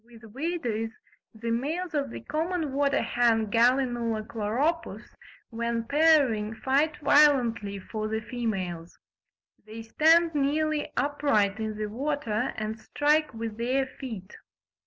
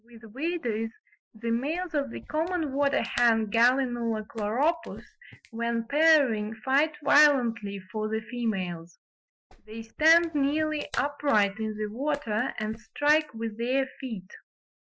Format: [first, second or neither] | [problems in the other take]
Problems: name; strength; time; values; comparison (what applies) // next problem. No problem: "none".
first | noise reduction (classical method Wiener filter)